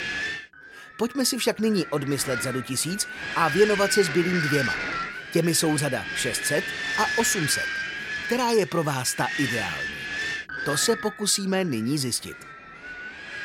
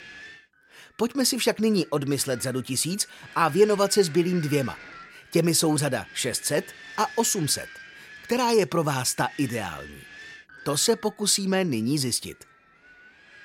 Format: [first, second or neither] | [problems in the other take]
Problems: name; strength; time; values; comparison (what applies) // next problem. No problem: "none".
second | wind noise on the microphone; heavy; 1 dB below the speech; occasional gusts in the second